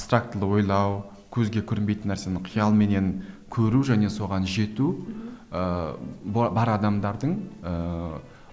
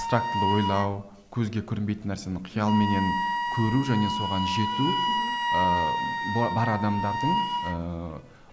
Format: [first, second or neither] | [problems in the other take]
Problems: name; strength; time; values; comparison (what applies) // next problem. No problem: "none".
first | background sound (Wind instrument, woodwind instrument); 1 dB below the speech